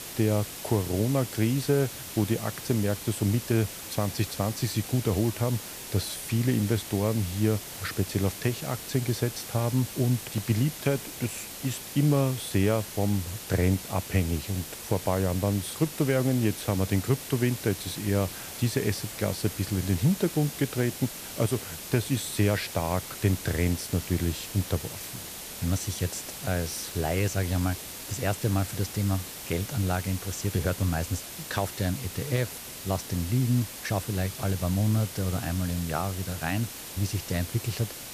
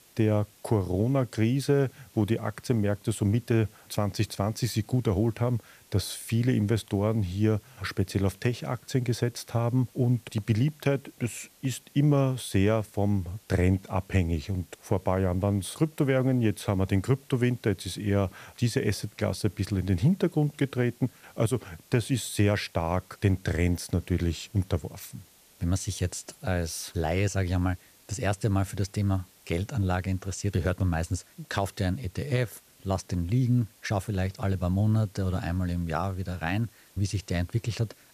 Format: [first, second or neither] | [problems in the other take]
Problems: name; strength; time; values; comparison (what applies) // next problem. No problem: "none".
second | hiss; loud; throughout; 9 dB below the speech; faint in the second